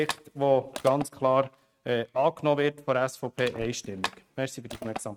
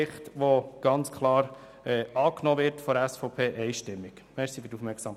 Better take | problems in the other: second | noise reduction (neural mask model RNNoise)

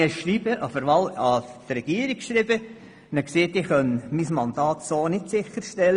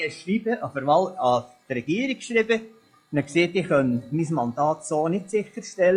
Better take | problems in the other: first | noise reduction (classical method log-MMSE)

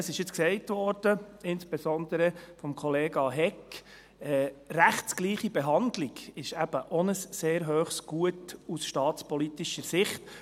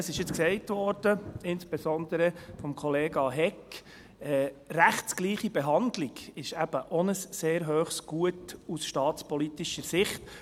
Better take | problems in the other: first | background sound (Thunder); 20 dB below the speech

